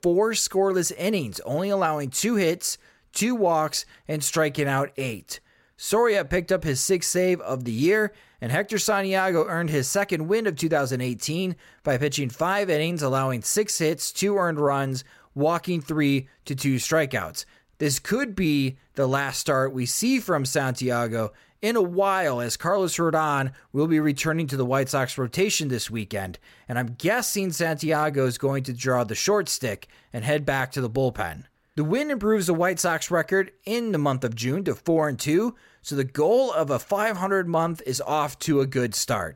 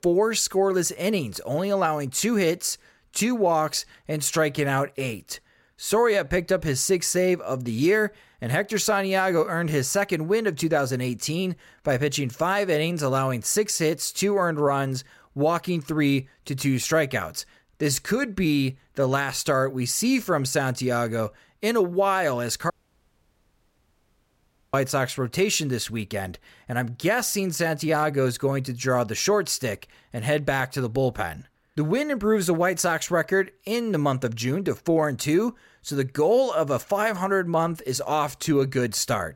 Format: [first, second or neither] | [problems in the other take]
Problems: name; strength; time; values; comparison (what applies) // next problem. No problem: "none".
first | audio cutting out; at 23 s for 2 s